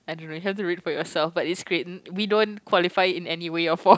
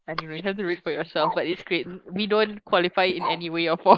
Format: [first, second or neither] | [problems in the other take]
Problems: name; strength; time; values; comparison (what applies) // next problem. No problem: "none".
first | noise reduction (neural mask model Resemble Enhance denoiser)